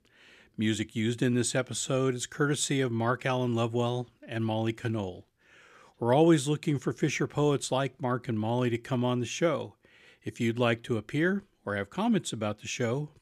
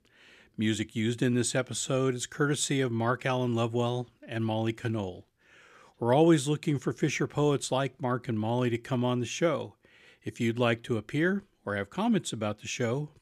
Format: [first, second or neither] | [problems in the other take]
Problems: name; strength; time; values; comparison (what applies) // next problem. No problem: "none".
neither | none